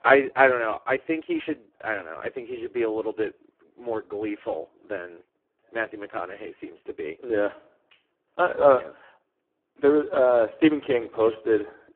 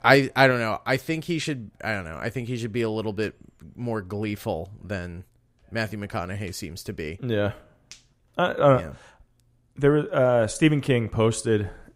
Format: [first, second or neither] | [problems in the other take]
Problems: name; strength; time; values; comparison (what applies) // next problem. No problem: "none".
second | phone-call audio; poor line